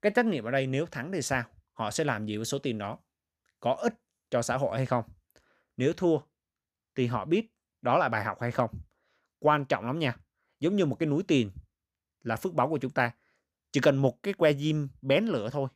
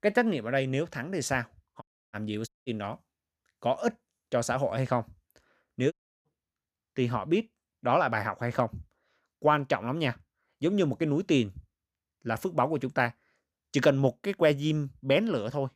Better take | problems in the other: first | audio cutting out; at 2 s, at 2.5 s and at 6 s

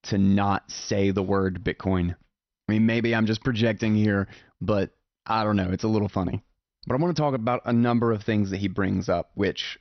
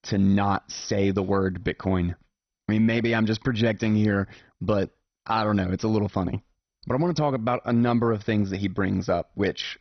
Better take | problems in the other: first | garbled, watery; badly; nothing above 6 kHz; slightly in the first

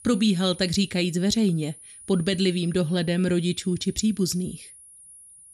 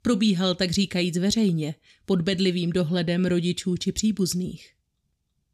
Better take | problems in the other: second | high-pitched whine; noticeable; throughout; 9.5 kHz, 20 dB below the speech

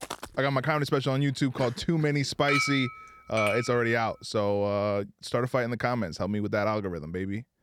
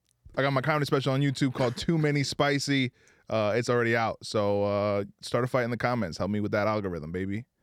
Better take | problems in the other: second | footsteps; faint; at the start; peak 10 dB below the speech // clattering dishes; loud; from 2.5 to 4 s; peak 1 dB above the speech

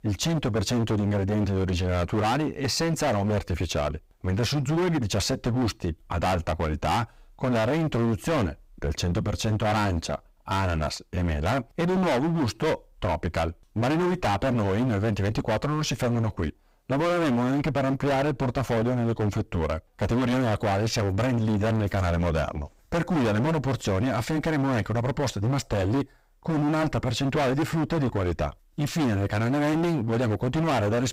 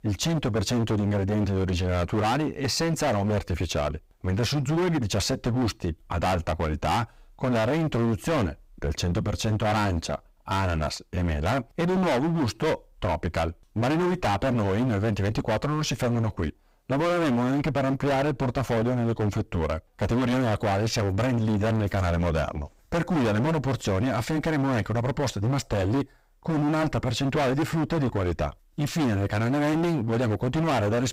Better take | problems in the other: neither | distortion; heavy; 28% of the sound clipped; the same in both

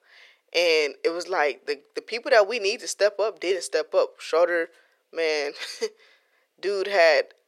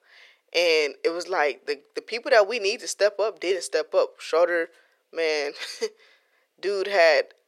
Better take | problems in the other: neither | thin; very; fading below 400 Hz; the same in both

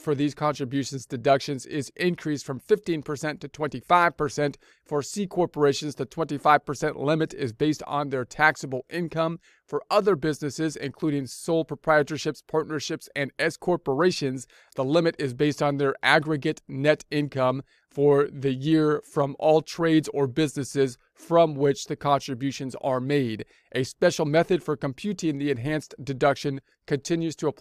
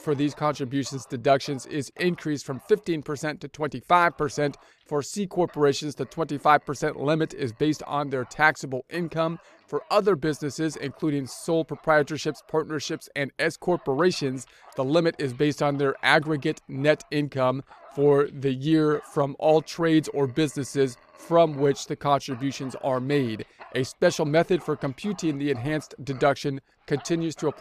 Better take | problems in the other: first | animal sounds; faint; throughout; 25 dB below the speech

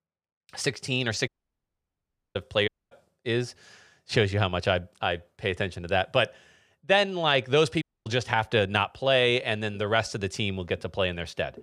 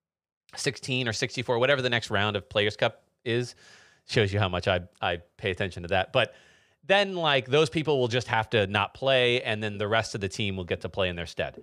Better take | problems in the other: second | audio cutting out; at 1.5 s for 1 s, at 2.5 s and at 8 s

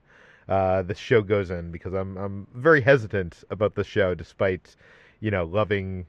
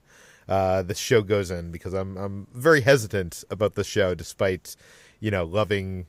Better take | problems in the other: second | muffled; very; fading above 2 kHz

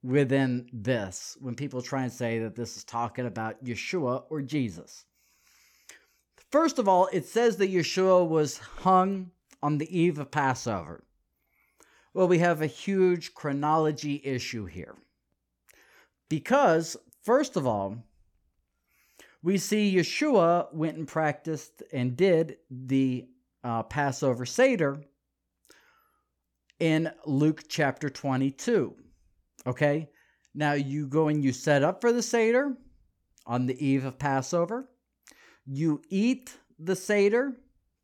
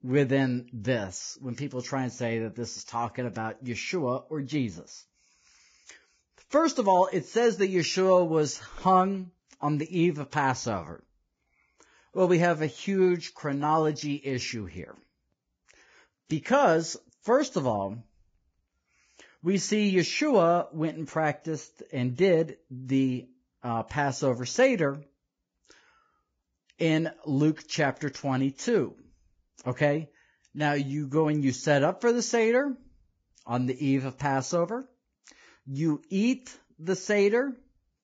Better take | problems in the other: first | garbled, watery; badly; nothing above 7.5 kHz

